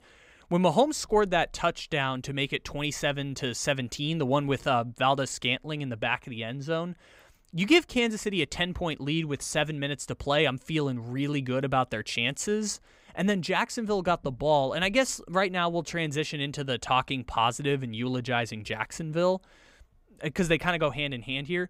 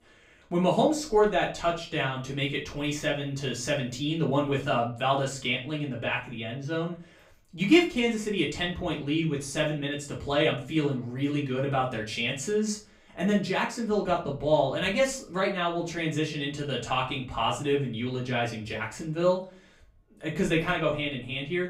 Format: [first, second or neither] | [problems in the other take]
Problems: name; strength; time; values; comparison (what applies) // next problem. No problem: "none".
first | off-mic speech; far // room echo; slight; dies away in 0.3 s